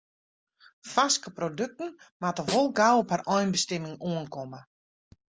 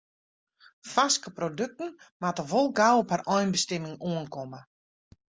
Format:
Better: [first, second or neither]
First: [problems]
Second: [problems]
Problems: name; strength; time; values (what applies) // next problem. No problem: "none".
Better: second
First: background sound (Snare drum); 12 dB below the speech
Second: none